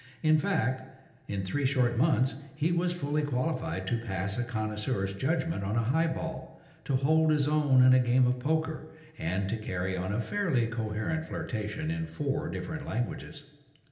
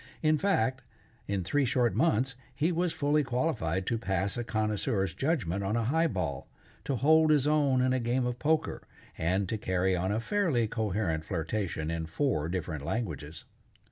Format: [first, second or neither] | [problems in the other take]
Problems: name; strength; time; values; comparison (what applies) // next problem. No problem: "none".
second | room echo; dies away in 0.9 s